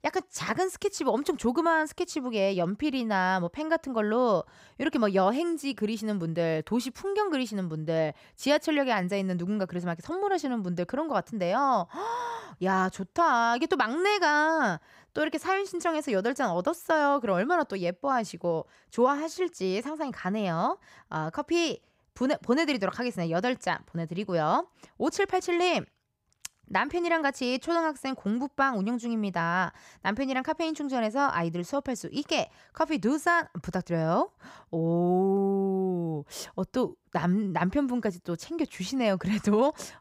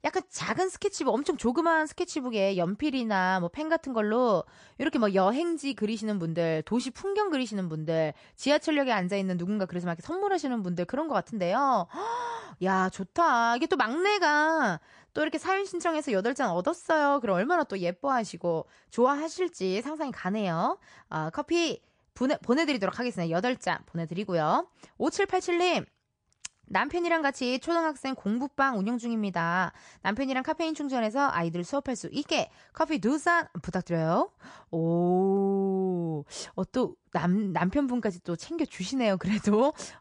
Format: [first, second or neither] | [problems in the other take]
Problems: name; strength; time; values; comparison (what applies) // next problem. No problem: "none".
first | garbled, watery; slightly; nothing above 8.5 kHz